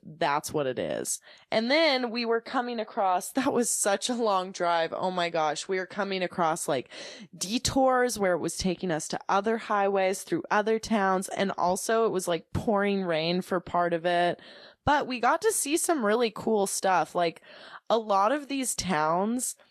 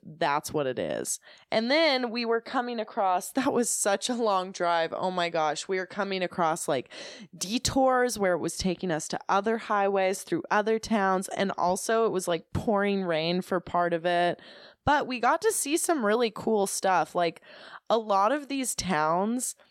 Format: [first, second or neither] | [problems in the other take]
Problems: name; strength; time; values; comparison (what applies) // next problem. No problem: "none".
second | garbled, watery; slightly; nothing above 12 kHz